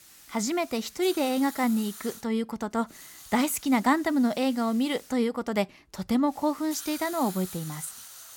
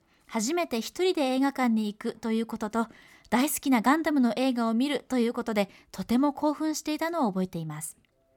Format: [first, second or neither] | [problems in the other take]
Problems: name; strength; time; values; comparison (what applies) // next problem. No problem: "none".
second | hiss; noticeable; until 2 s, from 3 to 5 s and from 6.5 s on; 15 dB below the speech